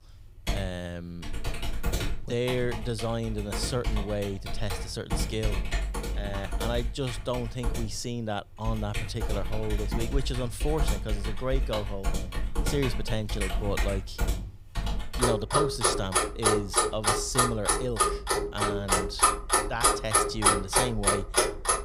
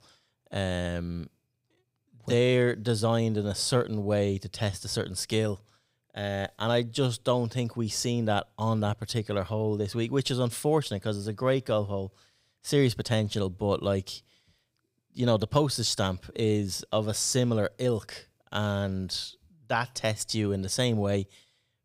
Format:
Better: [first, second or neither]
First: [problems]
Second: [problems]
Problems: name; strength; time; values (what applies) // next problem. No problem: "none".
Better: second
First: household noises; very loud; throughout; 4 dB above the speech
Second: none